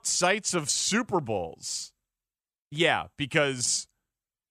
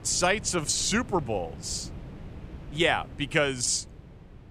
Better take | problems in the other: first | wind noise on the microphone; occasional gusts; 25 dB below the speech

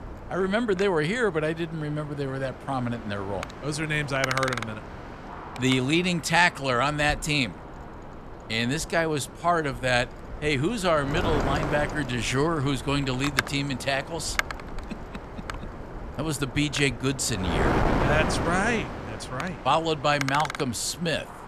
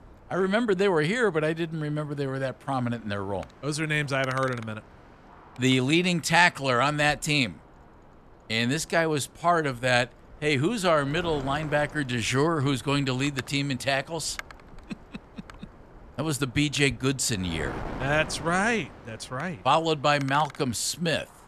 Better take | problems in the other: second | wind noise on the microphone; heavy; 7 dB below the speech; occasional gusts in the second

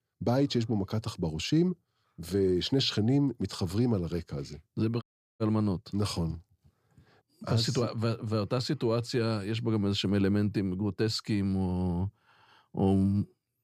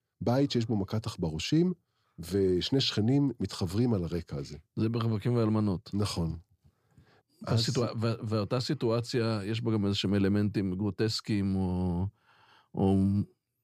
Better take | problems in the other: second | audio cutting out; at 5 s

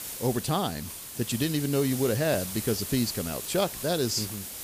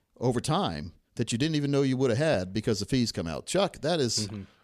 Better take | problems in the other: second | hiss; loud; throughout; 7 dB below the speech

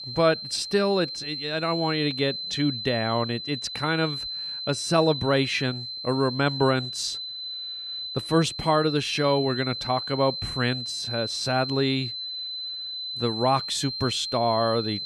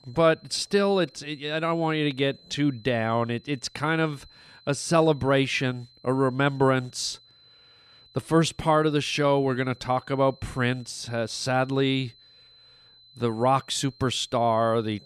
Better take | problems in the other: second | high-pitched whine; loud; throughout; 4 kHz, 5 dB below the speech; faint in the second

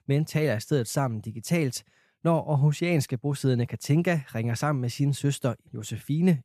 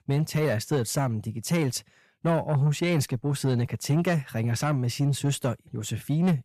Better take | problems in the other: first | distortion; slight; 10 dB below the speech

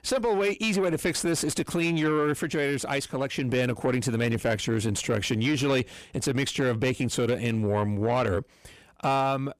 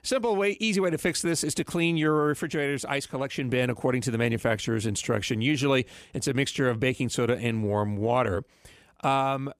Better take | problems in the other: second | distortion; slight; 10 dB below the speech

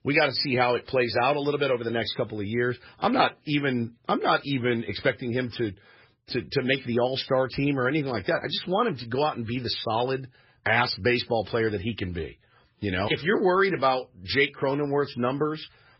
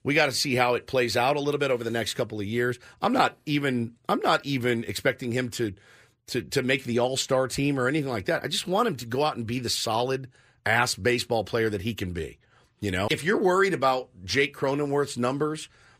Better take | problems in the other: second | garbled, watery; badly; nothing above 5 kHz

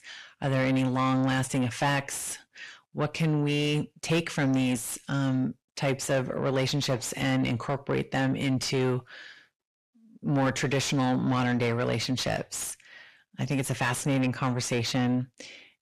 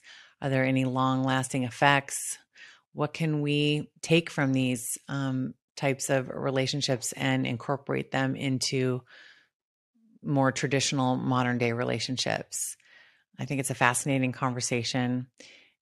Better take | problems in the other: second | distortion; heavy; 6 dB below the speech

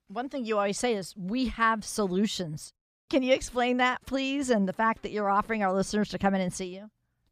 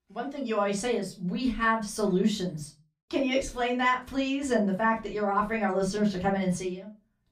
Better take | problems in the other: first | off-mic speech; far // room echo; very slight; dies away in 0.2 s

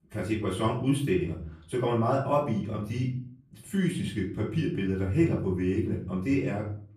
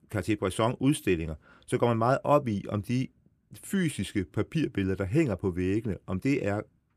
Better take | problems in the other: second | room echo; slight; dies away in 0.5 s // off-mic speech; far

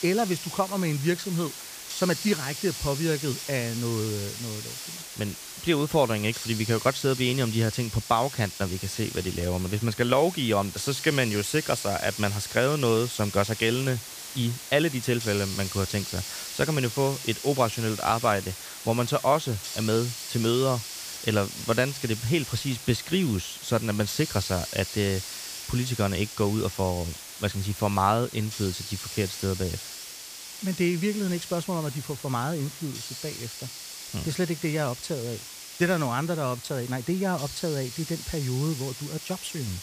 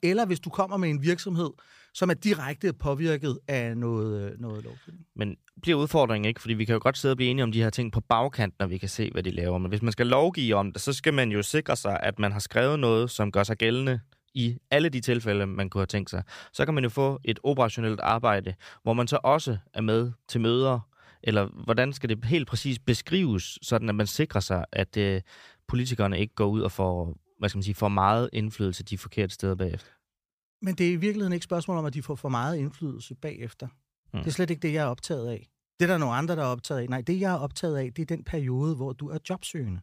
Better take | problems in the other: second | hiss; loud; throughout; 8 dB below the speech

